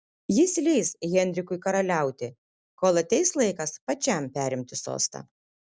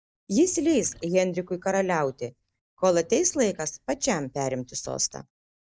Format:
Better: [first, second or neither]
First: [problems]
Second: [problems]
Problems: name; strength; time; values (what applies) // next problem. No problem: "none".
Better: first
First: none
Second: noise reduction (neural mask model DeepFilterNet 3)